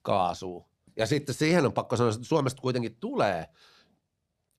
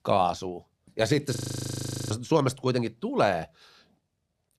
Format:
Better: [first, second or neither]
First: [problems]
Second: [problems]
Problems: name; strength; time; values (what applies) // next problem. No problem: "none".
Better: first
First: none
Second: audio freezing; at 1.5 s for 1 s